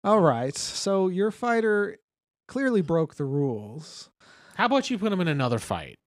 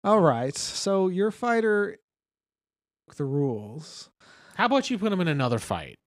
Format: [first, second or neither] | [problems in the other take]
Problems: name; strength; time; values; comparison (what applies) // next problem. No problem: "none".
first | audio freezing; at 2 s for 1 s